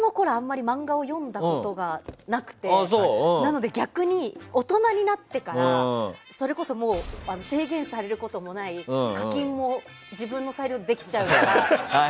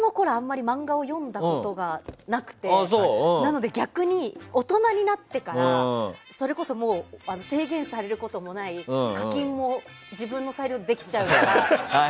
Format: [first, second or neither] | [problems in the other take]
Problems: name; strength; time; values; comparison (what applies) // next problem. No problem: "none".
second | background sound (Gunshot, gunfire); 18 dB below the speech